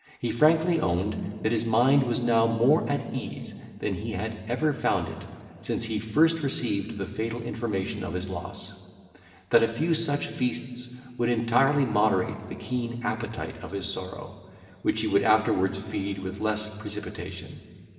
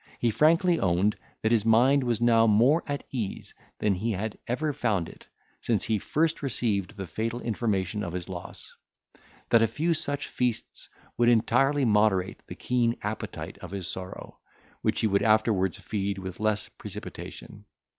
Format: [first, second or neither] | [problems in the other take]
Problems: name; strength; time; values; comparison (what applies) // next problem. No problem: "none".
second | room echo; dies away in 2.7 s